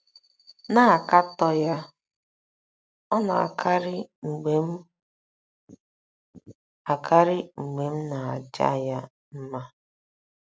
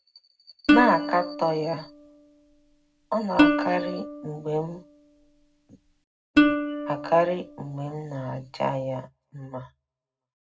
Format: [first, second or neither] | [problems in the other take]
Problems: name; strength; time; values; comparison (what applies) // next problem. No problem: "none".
first | background sound (Plucked string instrument); 2 dB above the speech // room echo; dies away in 0.3 s